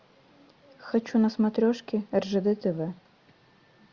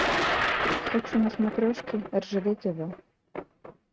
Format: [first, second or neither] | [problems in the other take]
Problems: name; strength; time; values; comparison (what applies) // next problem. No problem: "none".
first | noise reduction (neural mask model RNNoise)